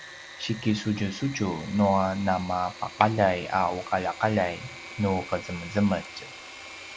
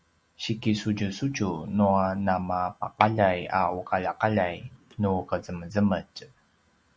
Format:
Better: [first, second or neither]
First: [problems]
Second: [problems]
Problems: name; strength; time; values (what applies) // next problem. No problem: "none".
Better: second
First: background sound (Engine / Mechanisms); 16 dB below the speech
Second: none